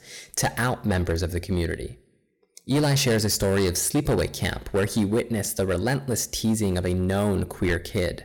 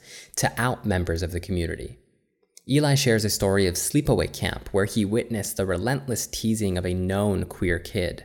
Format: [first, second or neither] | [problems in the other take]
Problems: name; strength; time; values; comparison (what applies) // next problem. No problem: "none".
second | distortion; slight; 8% of the sound clipped